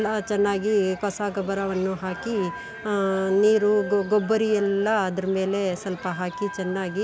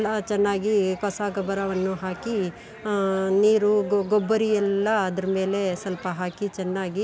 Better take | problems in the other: second | background sound (Wind instrument, woodwind instrument); 18 dB below the speech

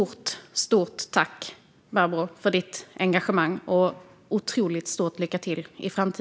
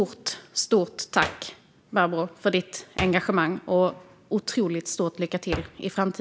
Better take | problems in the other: first | background sound (Hands); 15 dB below the speech

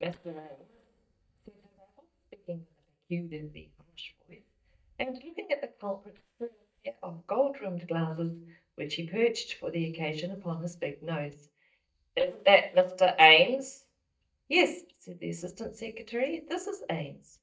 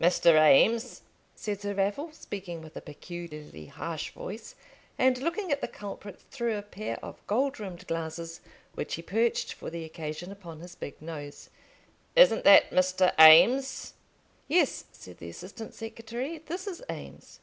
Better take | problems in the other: second | noise reduction (neural mask model DeepFilterNet 3)

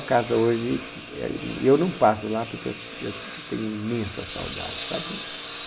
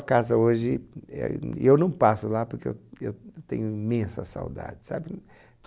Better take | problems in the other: second | background sound (Engine); 11 dB below the speech // room echo; dies away in 0.5 s

